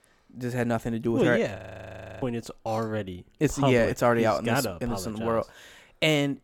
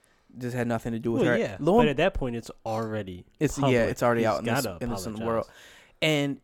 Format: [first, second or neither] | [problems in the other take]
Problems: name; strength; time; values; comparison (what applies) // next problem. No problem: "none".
second | audio freezing; at 1.5 s for 0.5 s